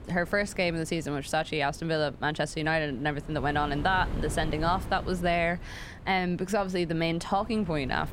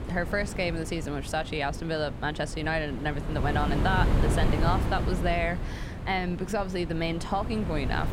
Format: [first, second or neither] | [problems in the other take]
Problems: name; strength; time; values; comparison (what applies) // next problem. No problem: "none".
first | wind noise on the microphone; heavy; 8 dB below the speech; occasional gusts in the first